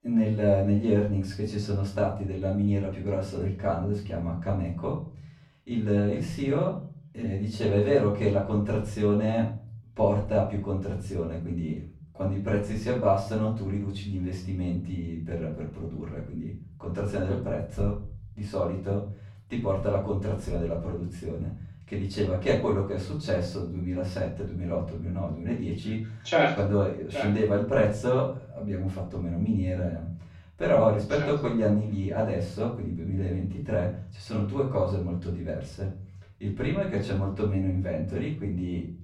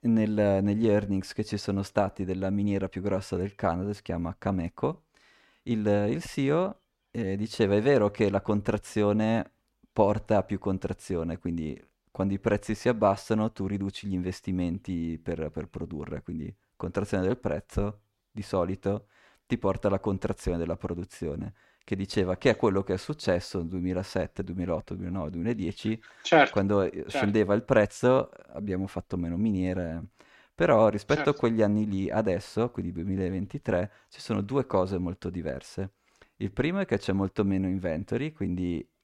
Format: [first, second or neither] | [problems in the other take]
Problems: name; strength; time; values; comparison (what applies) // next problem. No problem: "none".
second | off-mic speech; far // room echo; slight; dies away in 0.7 s